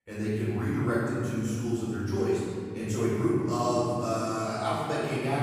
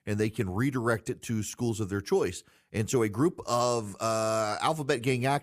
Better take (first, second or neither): second